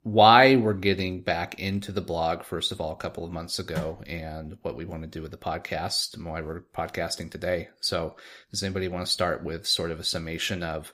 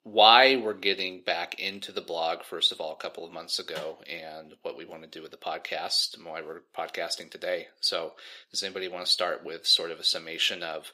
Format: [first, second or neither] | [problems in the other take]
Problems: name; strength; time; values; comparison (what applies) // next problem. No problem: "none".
first | thin; somewhat; fading below 450 Hz